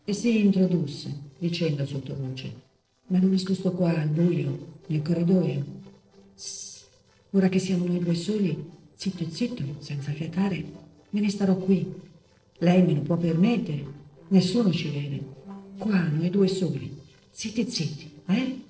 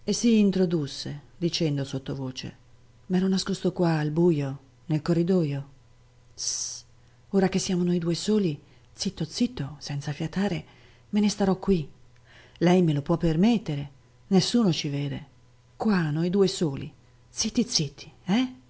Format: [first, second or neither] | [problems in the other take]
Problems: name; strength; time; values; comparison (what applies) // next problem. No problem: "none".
second | noise reduction (neural separator model SepFormer DNS4)